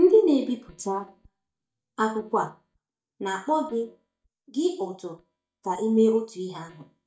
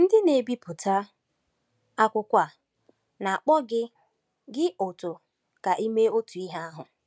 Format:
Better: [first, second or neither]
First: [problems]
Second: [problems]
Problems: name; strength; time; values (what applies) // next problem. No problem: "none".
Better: second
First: noise reduction (neural mask model DeepFilterNet 3)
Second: none